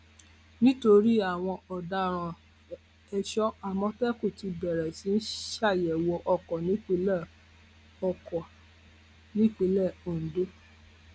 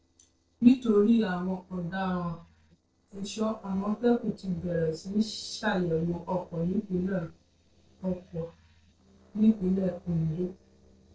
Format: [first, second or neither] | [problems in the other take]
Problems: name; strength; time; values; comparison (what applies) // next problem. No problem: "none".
first | noise reduction (neural separator model SepFormer DNS4)